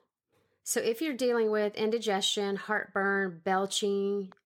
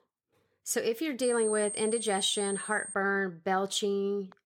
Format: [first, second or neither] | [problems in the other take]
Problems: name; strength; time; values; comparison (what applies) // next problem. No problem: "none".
first | high-pitched whine; loud; from 1 to 3 s; 8.5 kHz, 6 dB below the speech